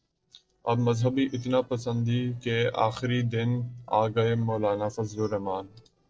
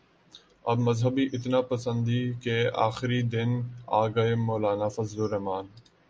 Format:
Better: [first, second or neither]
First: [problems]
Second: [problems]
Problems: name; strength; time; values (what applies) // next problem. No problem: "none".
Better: second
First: noise reduction (neural separator model SepFormer DNS4)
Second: none